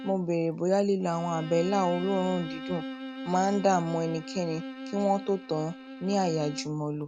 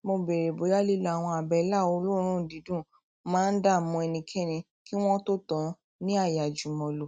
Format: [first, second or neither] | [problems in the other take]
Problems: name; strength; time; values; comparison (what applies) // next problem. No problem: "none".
second | background sound (Bowed string instrument); 12 dB below the speech